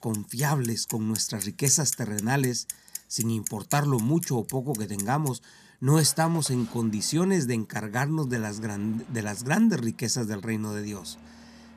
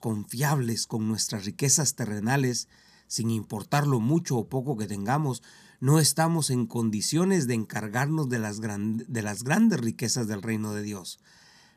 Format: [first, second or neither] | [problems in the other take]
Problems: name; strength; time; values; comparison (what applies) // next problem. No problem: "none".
second | traffic noise; loud; throughout; 10 dB below the speech